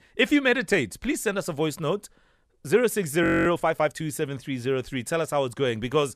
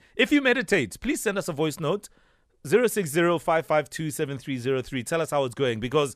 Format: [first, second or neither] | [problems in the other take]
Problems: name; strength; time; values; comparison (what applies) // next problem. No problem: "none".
second | audio freezing; at 3 s